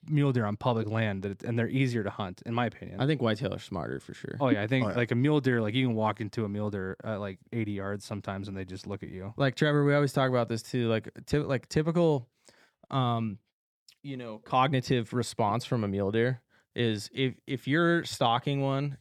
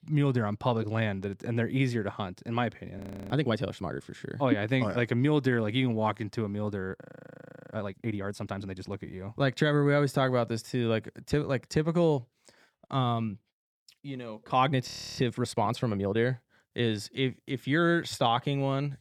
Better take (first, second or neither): first